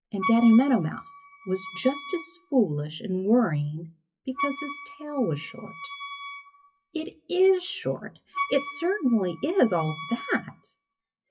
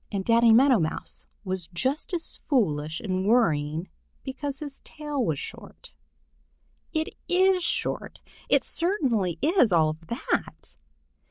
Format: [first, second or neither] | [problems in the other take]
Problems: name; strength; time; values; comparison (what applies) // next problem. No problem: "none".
second | noise reduction (classical method WPE with log-MMSE)